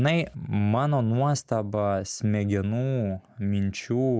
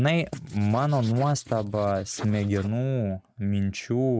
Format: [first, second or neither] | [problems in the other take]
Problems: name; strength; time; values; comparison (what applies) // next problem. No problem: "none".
first | noise reduction (neural mask model RNNoise)